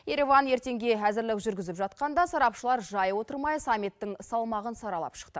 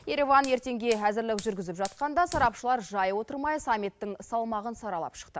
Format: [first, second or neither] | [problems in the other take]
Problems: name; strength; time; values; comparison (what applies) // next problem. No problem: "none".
first | background sound (Fire); 19 dB below the speech